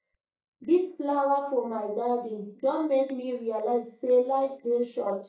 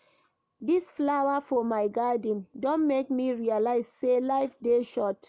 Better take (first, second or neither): second